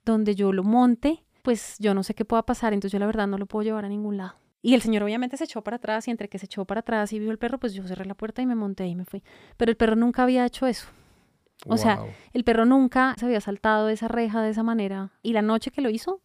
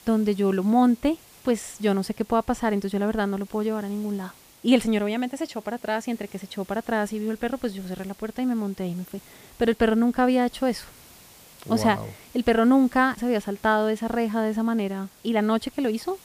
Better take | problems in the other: first | hiss; faint; throughout; 25 dB below the speech

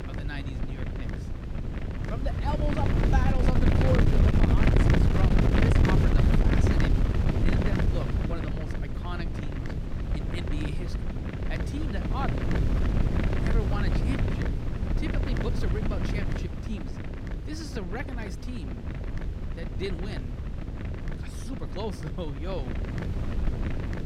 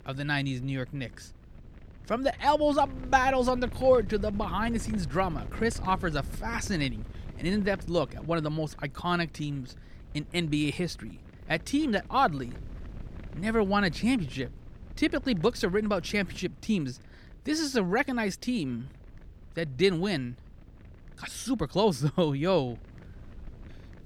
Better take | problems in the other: second | wind noise on the microphone; heavy; 3 dB above the speech; occasional gusts in the second

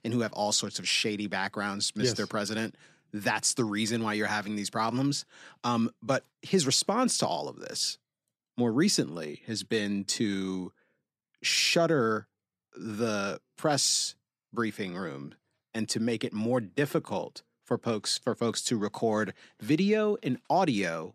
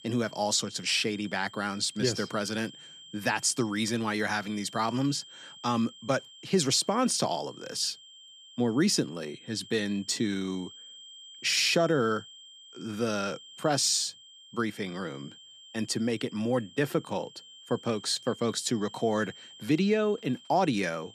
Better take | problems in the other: first | high-pitched whine; noticeable; throughout; 3 kHz, 20 dB below the speech

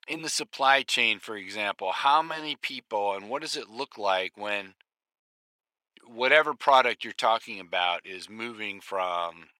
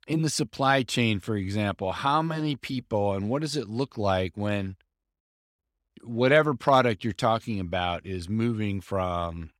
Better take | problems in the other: second | thin; very; fading below 550 Hz

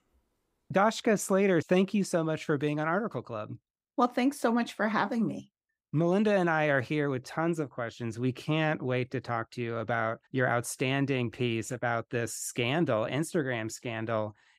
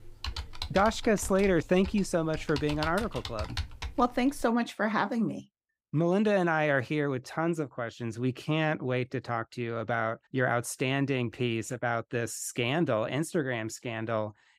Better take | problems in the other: first | keyboard typing; noticeable; until 4.5 s; peak 8 dB below the speech

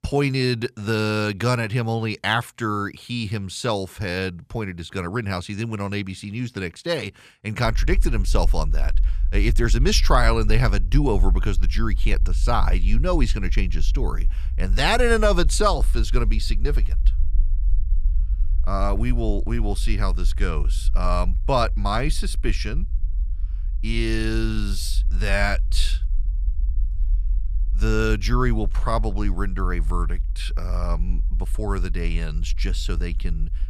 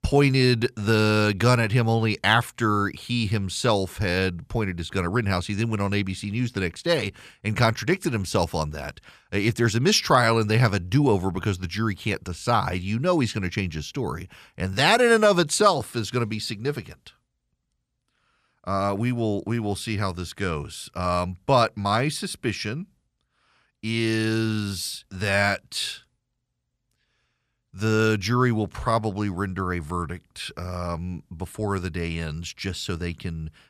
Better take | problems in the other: second | low rumble; faint; from 7.5 s on; 25 dB below the speech

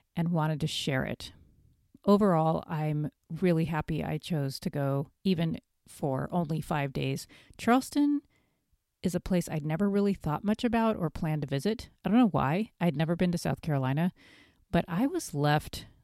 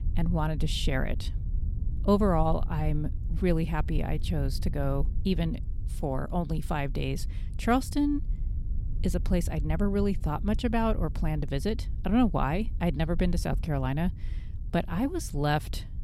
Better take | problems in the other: first | low rumble; faint; throughout; 20 dB below the speech

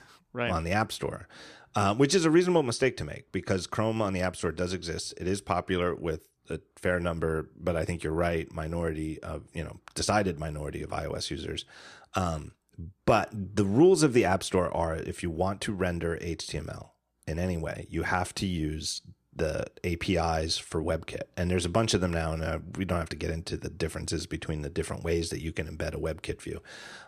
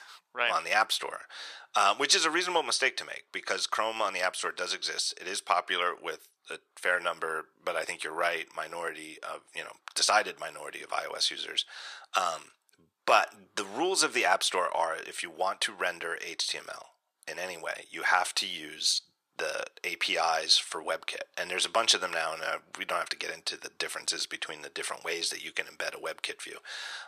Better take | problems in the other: first | thin; very; fading below 950 Hz

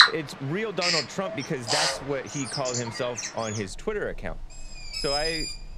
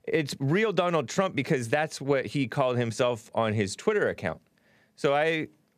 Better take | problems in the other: second | animal sounds; very loud; throughout; 3 dB above the speech

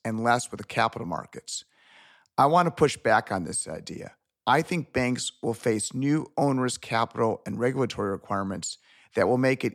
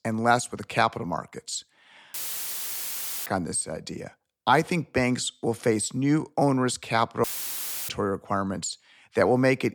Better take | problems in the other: first | audio cutting out; filled with static; at 2 s for 1 s and at 7 s for 0.5 s

